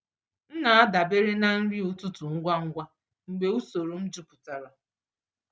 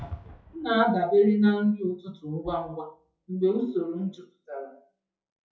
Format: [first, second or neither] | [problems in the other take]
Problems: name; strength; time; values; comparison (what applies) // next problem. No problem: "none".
first | noise reduction (classical method WPE with log-MMSE)